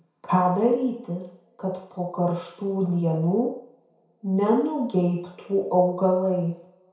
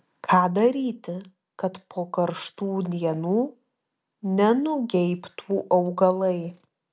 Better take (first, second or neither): second